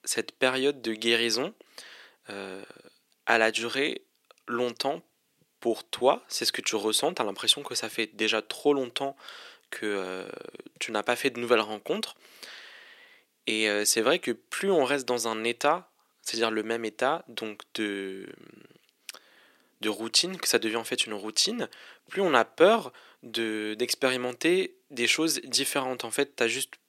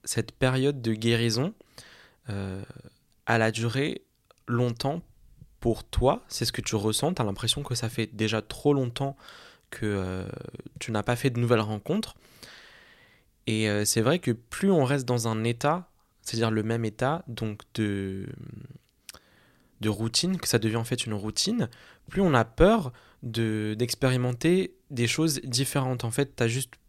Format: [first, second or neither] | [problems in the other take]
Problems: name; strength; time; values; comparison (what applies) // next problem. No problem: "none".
second | thin; somewhat; fading below 300 Hz